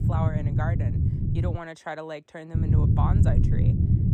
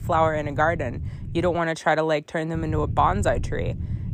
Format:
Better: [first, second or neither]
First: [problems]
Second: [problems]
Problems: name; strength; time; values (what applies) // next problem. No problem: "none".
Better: second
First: low rumble; loud; until 1.5 s and from 2.5 s on; as loud as the speech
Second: low rumble; faint; until 1.5 s and from 2.5 s on; 20 dB below the speech